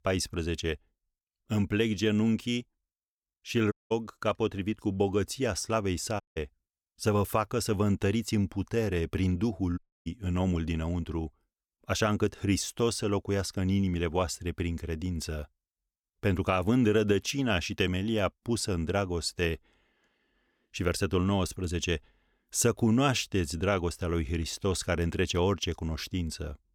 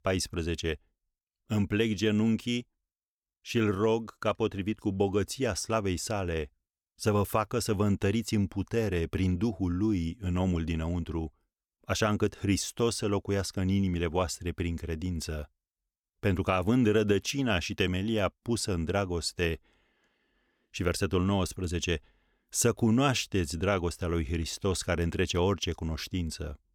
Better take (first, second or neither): second